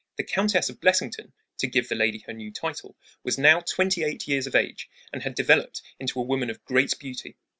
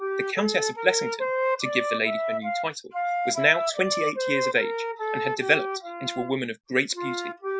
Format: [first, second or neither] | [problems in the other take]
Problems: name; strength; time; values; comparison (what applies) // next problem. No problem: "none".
first | noise reduction (classical method Wiener filter)